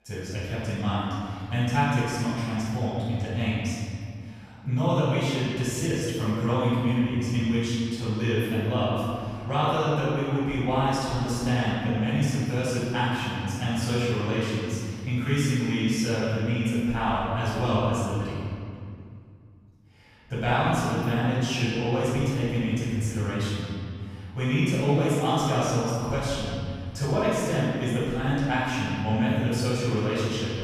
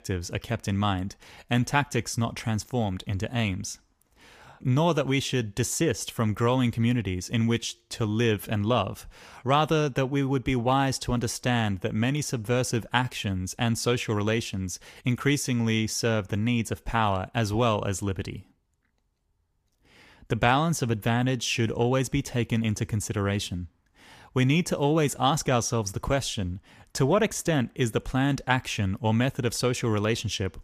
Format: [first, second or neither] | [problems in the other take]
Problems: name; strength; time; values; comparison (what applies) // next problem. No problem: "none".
second | off-mic speech; far // room echo; strong; dies away in 2.2 s